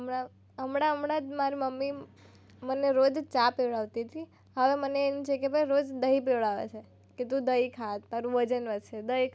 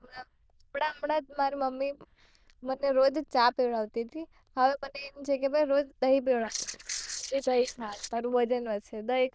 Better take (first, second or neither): first